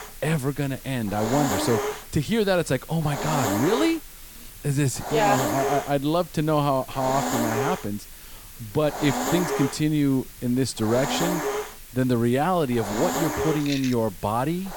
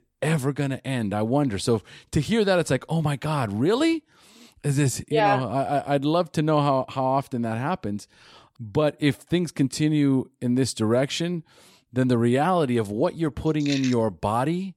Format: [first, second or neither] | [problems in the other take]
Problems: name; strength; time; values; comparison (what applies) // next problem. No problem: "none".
second | hiss; loud; throughout; 4 dB below the speech